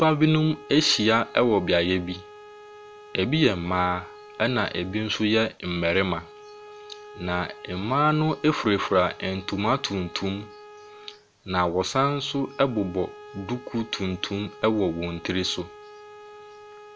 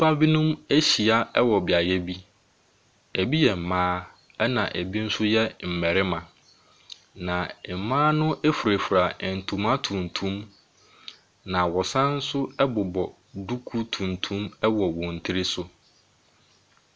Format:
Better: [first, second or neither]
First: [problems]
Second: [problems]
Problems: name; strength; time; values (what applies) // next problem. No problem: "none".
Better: second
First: background sound (Bowed string instrument); 20 dB below the speech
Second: none